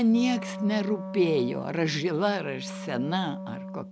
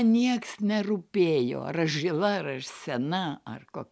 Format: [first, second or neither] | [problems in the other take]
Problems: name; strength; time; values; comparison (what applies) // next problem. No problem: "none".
second | background sound (Wind instrument, woodwind instrument); 10 dB below the speech